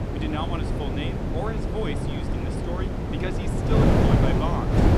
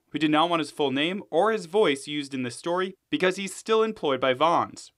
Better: second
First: wind noise on the microphone; heavy; 3 dB above the speech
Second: none

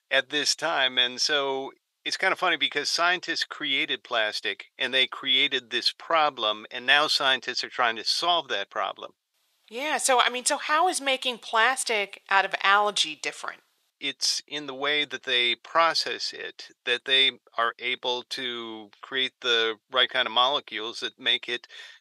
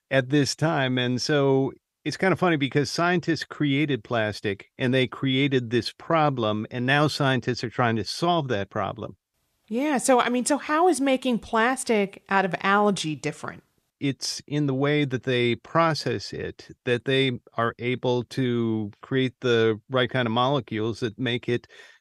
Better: second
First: thin; very; fading below 700 Hz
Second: none

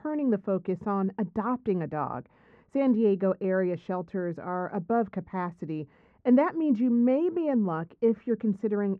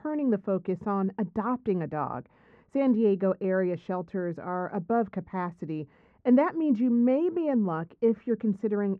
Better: neither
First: muffled; very; fading above 1 kHz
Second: muffled; very; fading above 1 kHz

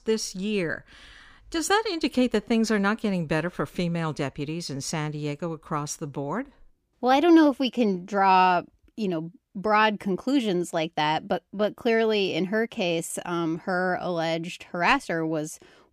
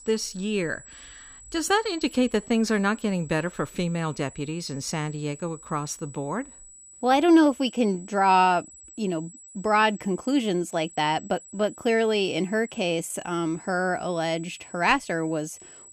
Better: first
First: none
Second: high-pitched whine; noticeable; throughout; 8 kHz, 20 dB below the speech

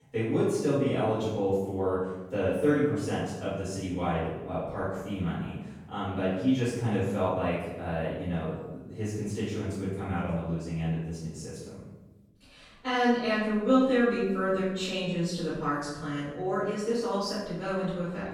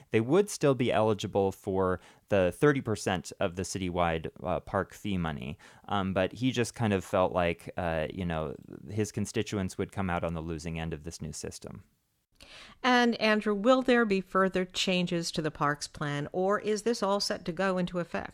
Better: second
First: room echo; strong; dies away in 1 s // off-mic speech; far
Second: none

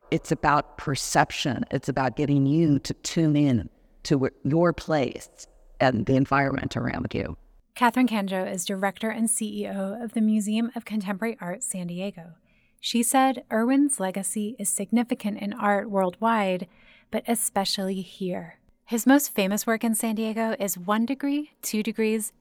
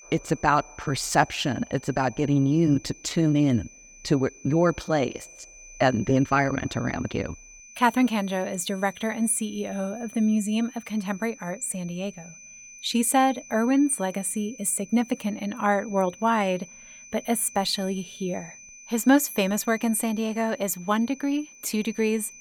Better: first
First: none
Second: high-pitched whine; noticeable; throughout; 6 kHz, 20 dB below the speech

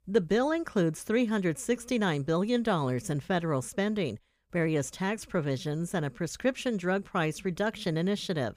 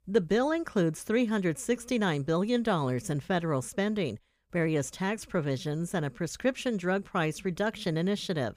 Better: neither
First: none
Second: none

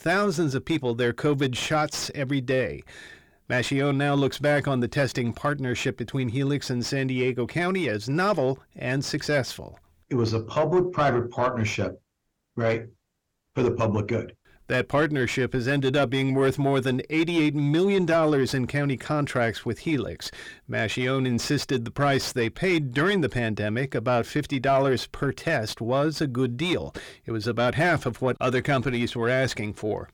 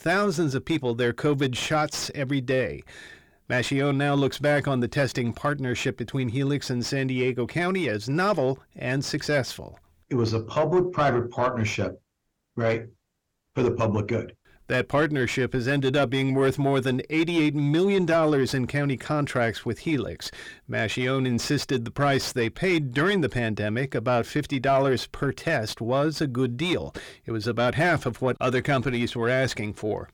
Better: neither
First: distortion; slight; 10 dB below the speech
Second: distortion; slight; 10 dB below the speech

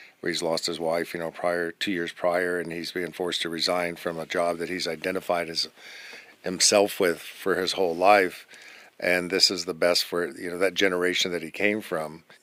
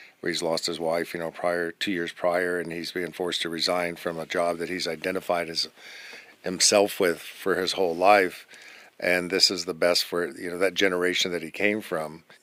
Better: neither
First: thin; somewhat; fading below 350 Hz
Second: thin; somewhat; fading below 350 Hz

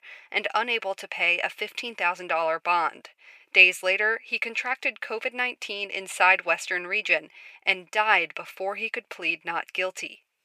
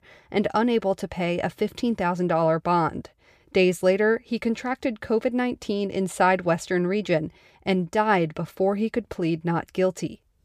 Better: second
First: thin; very; fading below 750 Hz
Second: none

